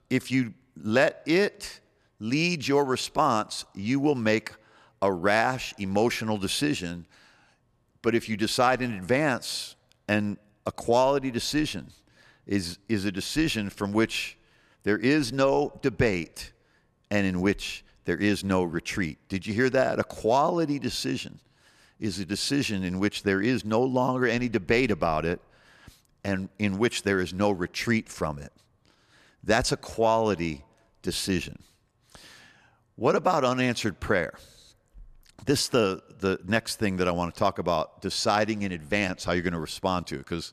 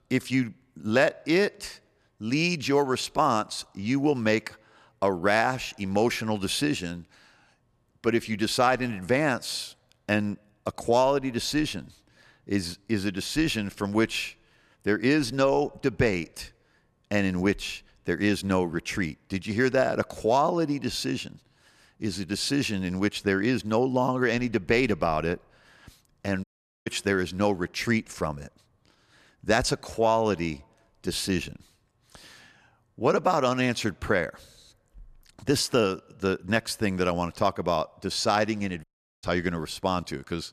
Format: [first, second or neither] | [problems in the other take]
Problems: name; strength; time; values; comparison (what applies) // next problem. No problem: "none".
first | audio cutting out; at 26 s and at 39 s